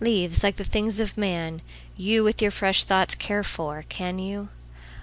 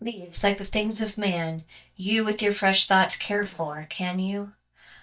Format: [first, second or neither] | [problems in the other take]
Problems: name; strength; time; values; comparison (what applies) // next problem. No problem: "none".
first | noise reduction (neural mask model DeepFilterNet 3)